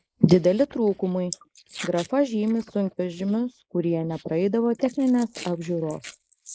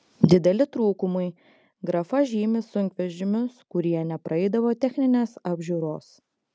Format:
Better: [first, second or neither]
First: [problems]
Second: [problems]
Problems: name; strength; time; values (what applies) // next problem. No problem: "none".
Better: second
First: noise reduction (neural mask model Resemble Enhance denoiser)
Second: none